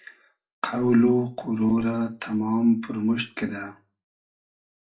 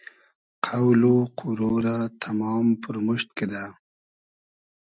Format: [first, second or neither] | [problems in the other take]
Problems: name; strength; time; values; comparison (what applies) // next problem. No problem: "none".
second | room echo; dies away in 0.2 s